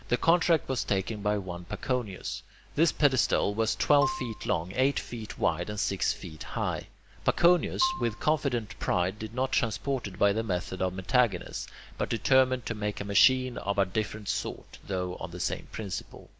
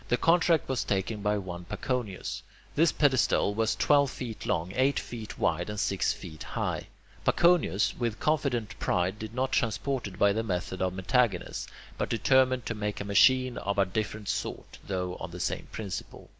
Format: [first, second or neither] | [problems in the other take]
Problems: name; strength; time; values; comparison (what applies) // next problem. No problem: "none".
second | background sound (Marimba, xylophone); 11 dB below the speech